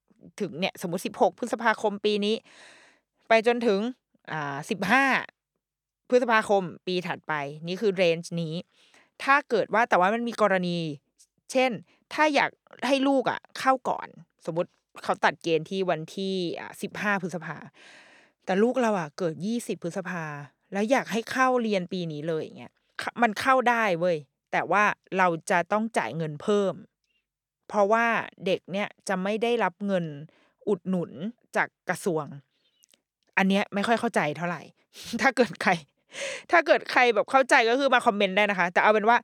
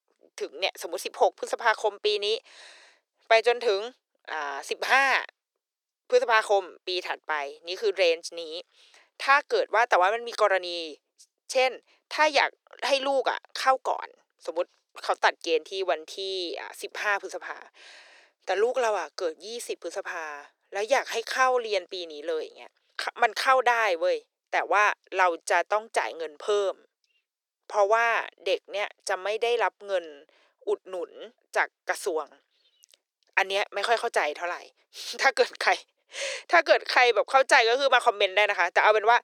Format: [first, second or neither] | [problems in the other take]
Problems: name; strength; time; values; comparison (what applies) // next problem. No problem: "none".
first | thin; very; fading below 350 Hz